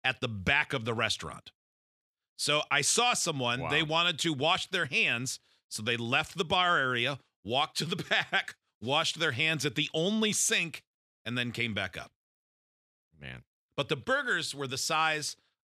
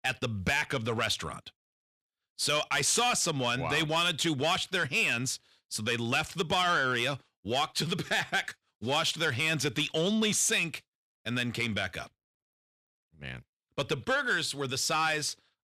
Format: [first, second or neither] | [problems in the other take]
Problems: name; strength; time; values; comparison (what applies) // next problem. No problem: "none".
first | distortion; slight; 10 dB below the speech